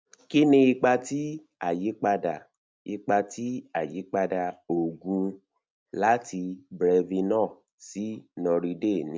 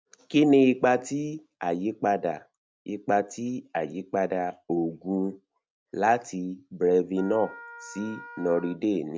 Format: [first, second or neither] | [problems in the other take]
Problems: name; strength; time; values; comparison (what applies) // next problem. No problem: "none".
first | background sound (Wind instrument, woodwind instrument); 18 dB below the speech